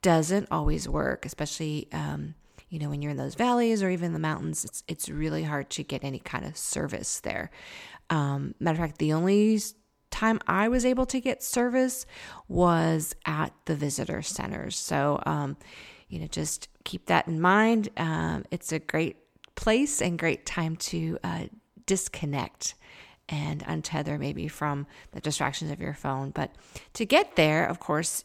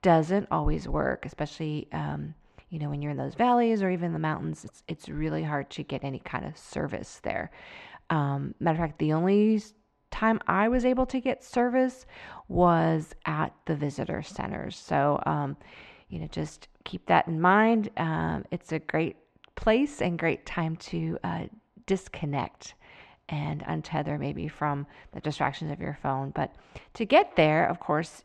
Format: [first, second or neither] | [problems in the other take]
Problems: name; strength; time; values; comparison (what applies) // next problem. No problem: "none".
first | muffled; very; fading above 3 kHz